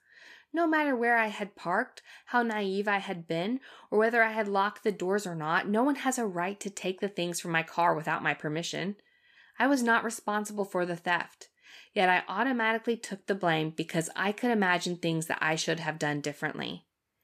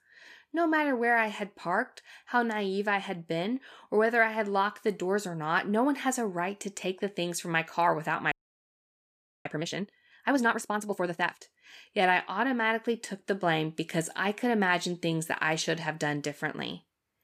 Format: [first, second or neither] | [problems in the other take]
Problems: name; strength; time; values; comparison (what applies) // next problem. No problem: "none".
first | audio freezing; at 8.5 s for 1 s